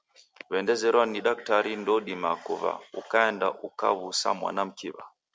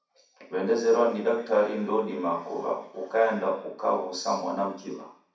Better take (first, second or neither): first